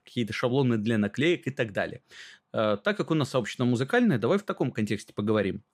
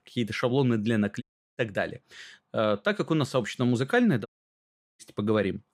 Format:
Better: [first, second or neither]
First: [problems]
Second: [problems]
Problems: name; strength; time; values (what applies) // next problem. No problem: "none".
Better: first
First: none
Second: audio cutting out; at 1 s and at 4.5 s for 0.5 s